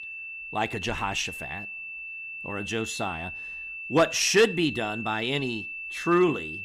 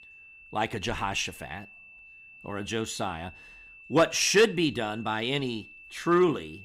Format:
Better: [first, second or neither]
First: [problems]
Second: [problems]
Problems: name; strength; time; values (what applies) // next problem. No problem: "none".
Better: second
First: high-pitched whine; loud; throughout; 2.5 kHz, 9 dB below the speech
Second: high-pitched whine; faint; throughout; 2.5 kHz, 20 dB below the speech